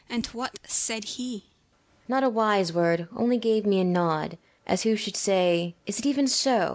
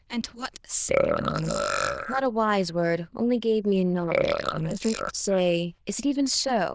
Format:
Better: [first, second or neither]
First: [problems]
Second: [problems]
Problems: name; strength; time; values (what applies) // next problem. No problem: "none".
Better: first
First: none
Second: noise reduction (neural diffusion model UNIVERSE++)